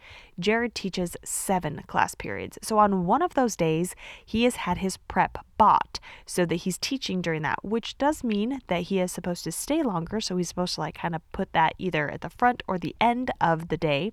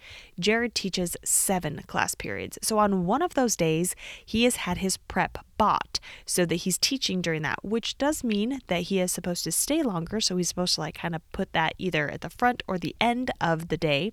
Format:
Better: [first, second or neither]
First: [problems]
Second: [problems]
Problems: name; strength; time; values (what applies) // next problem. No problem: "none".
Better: second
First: muffled; slightly; fading above 3 kHz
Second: none